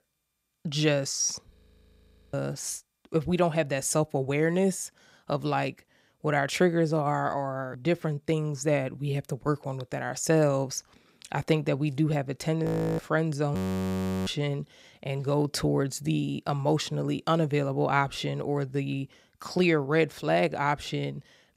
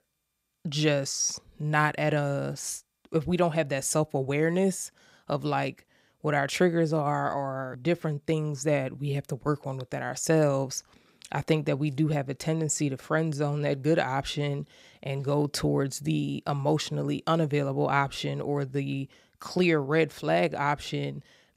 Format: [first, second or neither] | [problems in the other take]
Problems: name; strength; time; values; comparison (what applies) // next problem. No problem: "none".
second | audio freezing; at 1.5 s for 1 s, at 13 s and at 14 s for 0.5 s